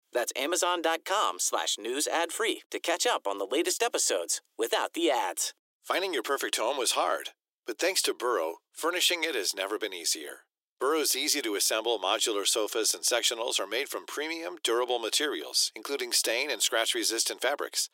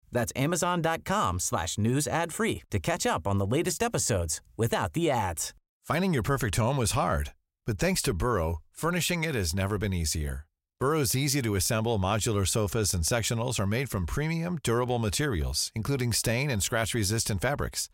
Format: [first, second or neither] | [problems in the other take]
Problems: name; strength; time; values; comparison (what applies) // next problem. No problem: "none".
second | thin; very; fading below 300 Hz